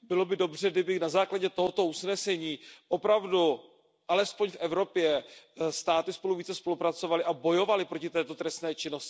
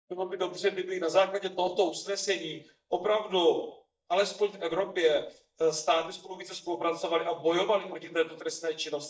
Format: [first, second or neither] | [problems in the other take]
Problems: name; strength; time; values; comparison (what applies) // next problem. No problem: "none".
first | noise reduction (neural mask model DeepFilterNet 3)